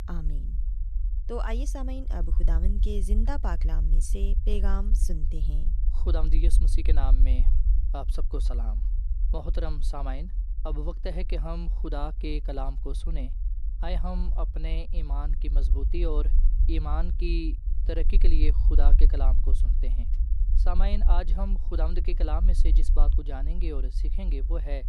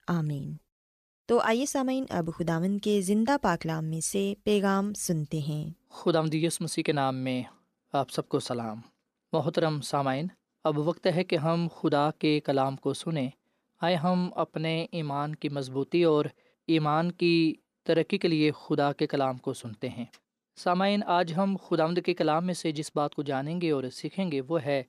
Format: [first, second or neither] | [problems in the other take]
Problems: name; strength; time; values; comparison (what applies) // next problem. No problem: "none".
second | low rumble; noticeable; throughout; 10 dB below the speech